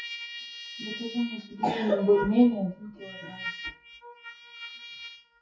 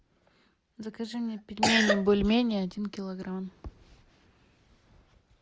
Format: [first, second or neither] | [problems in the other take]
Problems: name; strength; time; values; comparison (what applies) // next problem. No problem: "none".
second | noise reduction (classical method WPE with log-MMSE)